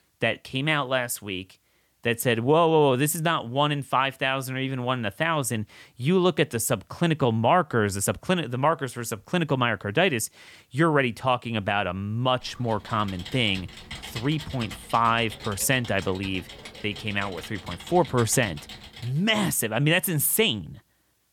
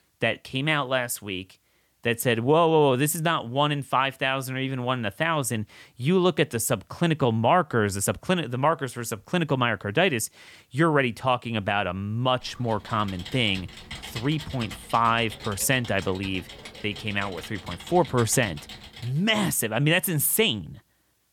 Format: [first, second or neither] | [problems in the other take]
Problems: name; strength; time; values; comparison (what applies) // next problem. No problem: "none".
neither | keyboard typing; faint; from 12 to 19 s; peak 10 dB below the speech; the same in both